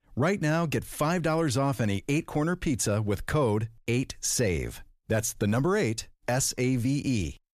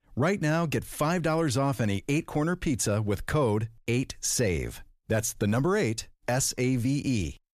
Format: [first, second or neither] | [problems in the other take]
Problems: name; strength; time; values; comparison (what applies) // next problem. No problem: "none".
neither | none